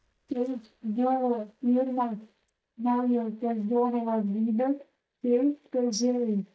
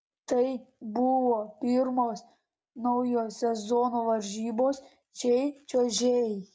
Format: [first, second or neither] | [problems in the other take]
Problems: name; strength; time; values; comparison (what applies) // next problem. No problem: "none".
second | noise reduction (neural mask model DeepFilterNet 3)